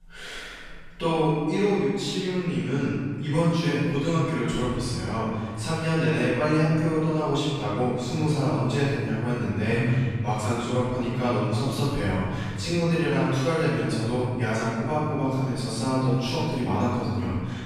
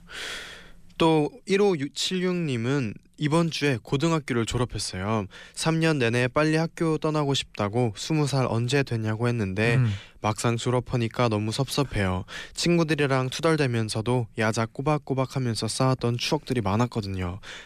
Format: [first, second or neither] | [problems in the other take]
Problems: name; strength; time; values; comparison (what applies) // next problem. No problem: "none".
second | off-mic speech; far // room echo; strong; dies away in 1.9 s